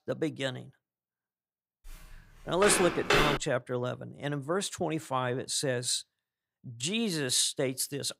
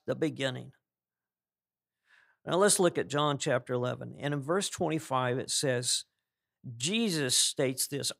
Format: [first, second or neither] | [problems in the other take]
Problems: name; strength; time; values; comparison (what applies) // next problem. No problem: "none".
second | footsteps; loud; from 2 to 3.5 s; peak 4 dB above the speech